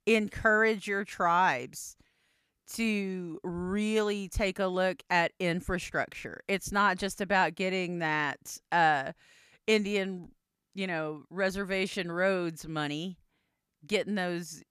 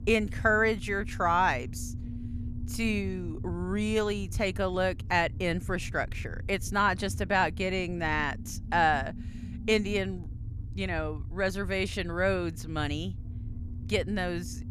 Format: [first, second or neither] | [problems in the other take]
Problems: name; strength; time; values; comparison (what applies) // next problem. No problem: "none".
first | low rumble; faint; throughout; 25 dB below the speech